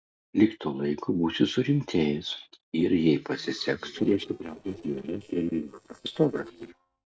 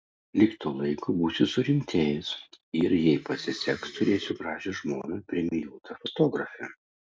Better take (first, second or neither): second